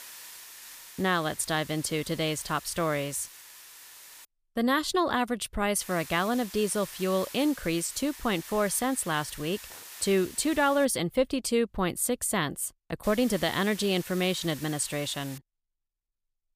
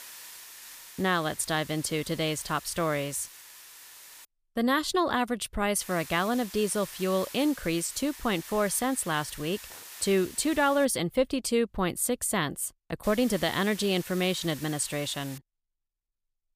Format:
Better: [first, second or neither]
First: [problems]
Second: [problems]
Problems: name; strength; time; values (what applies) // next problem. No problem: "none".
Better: neither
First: hiss; noticeable; until 4.5 s, from 6 to 11 s and from 13 to 15 s; 15 dB below the speech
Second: hiss; noticeable; until 4.5 s, from 6 to 11 s and from 13 to 15 s; 15 dB below the speech